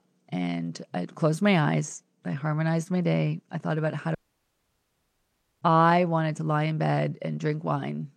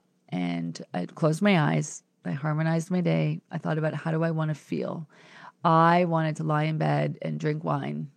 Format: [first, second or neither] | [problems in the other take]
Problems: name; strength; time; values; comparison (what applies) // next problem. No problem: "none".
second | audio cutting out; at 4 s for 1.5 s